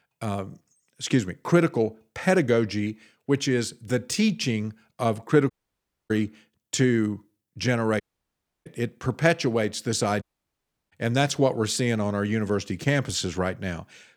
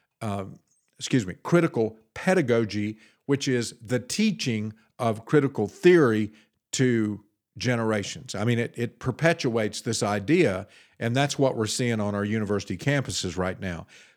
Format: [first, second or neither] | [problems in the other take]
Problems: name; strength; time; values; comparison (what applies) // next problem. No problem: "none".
second | audio cutting out; at 5.5 s for 0.5 s, at 8 s for 0.5 s and at 10 s for 0.5 s